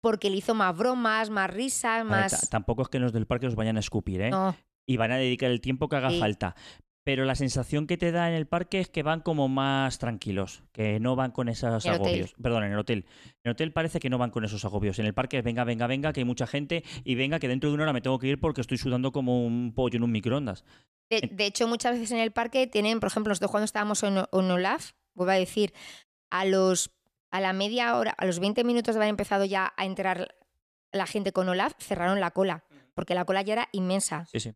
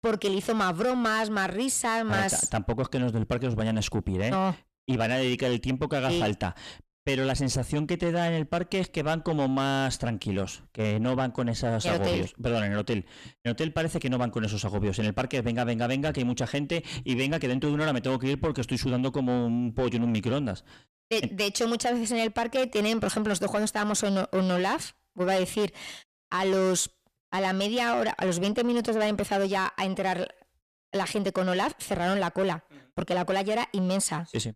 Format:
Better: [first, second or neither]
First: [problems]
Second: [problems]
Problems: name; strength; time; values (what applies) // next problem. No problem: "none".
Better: first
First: none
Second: distortion; slight; 10 dB below the speech